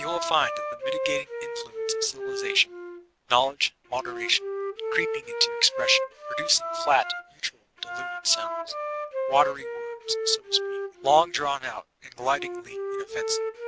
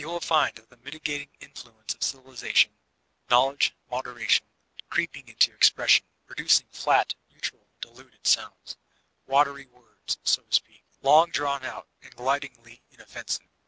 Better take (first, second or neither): second